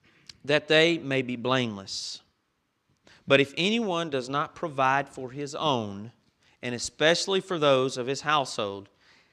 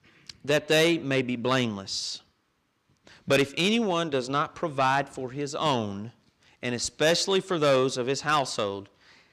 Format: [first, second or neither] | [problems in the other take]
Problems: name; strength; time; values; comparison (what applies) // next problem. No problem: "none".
first | distortion; slight; 10 dB below the speech